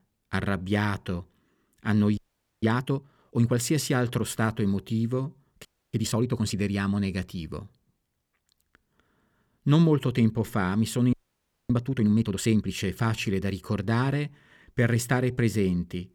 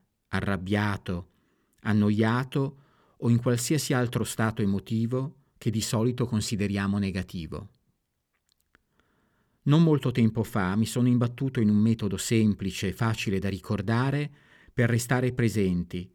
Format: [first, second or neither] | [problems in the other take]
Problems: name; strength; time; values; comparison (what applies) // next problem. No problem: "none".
second | audio freezing; at 2 s, at 5.5 s and at 11 s for 0.5 s